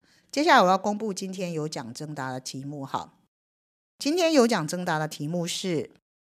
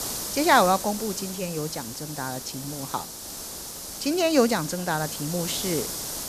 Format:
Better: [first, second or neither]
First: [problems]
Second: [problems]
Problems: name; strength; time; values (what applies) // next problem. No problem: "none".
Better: first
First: none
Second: hiss; loud; throughout; 7 dB below the speech